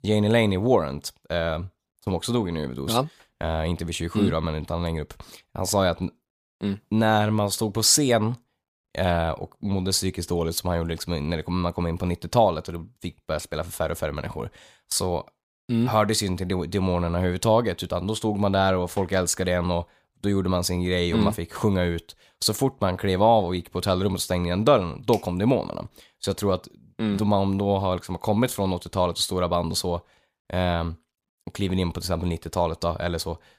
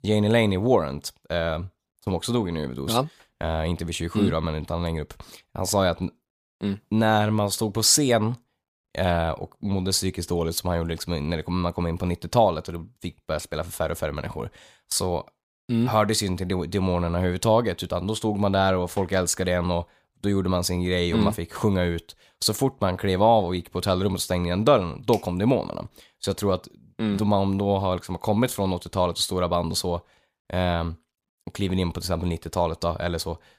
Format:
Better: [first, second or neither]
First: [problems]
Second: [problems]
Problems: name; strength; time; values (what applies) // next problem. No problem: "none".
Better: neither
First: none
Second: none